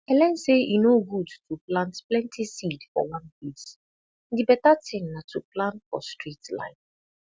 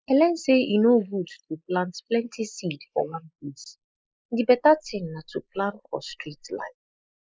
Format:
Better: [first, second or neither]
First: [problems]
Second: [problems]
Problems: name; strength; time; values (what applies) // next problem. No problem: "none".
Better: first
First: none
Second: noise reduction (neural mask model Resemble Enhance denoiser)